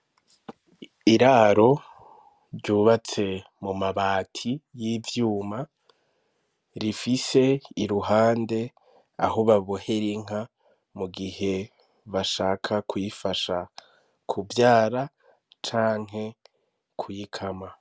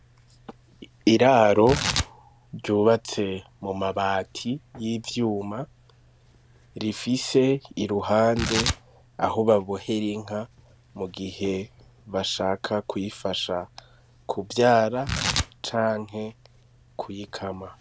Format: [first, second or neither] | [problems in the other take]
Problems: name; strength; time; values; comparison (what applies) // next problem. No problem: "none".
first | background sound (Tearing); 11 dB below the speech